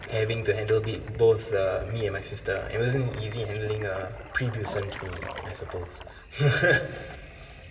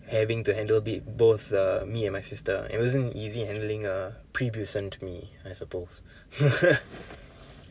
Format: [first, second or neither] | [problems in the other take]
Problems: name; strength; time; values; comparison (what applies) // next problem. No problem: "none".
second | background sound (Toilet flush); 16 dB below the speech // room echo; dies away in 1.9 s